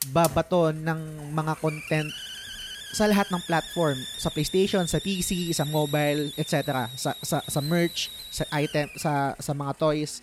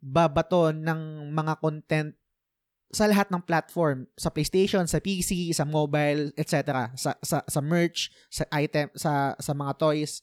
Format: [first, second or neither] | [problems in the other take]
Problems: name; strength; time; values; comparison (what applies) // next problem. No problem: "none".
second | hiss; loud; throughout; 10 dB below the speech